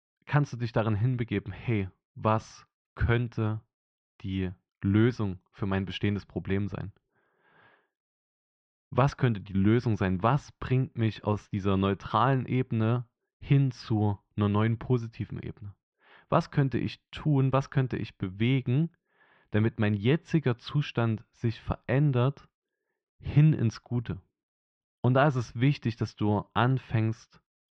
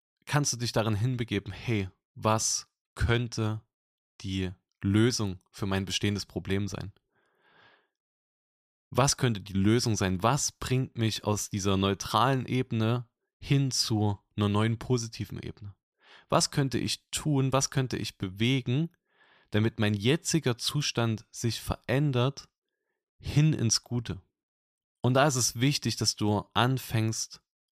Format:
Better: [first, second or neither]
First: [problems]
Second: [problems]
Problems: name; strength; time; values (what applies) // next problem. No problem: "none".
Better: second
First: muffled; very; fading above 2.5 kHz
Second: none